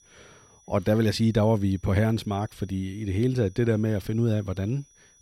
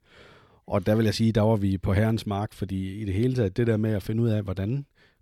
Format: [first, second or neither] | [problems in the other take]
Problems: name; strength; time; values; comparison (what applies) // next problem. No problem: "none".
second | high-pitched whine; faint; throughout; 6 kHz, 30 dB below the speech